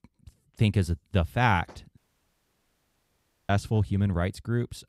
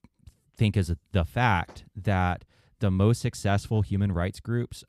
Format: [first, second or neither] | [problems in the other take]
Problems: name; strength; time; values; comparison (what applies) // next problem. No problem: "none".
second | audio cutting out; at 2 s for 1.5 s